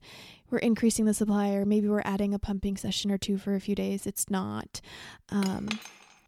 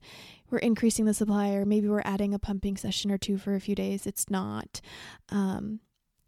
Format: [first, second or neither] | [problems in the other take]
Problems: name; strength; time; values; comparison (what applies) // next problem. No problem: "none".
second | clattering dishes; noticeable; at 5.5 s; peak 8 dB below the speech